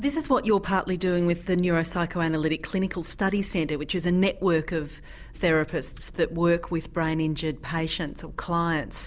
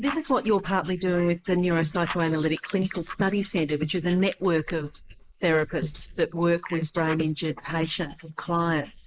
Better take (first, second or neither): first